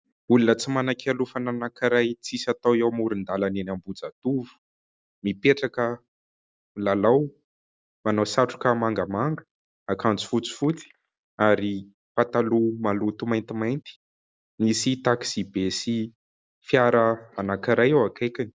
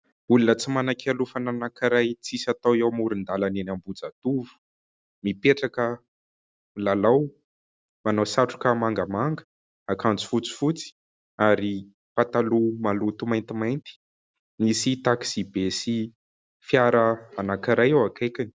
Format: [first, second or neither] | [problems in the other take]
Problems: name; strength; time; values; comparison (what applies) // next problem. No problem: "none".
second | noise reduction (neural mask model Resemble Enhance denoiser)